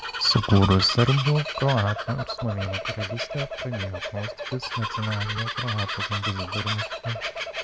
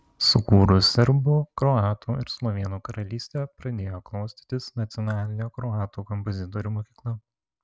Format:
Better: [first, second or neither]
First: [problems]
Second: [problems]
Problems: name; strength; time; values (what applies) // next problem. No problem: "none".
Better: second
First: background sound (Bird vocalization, bird call, bird song); 5 dB below the speech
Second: none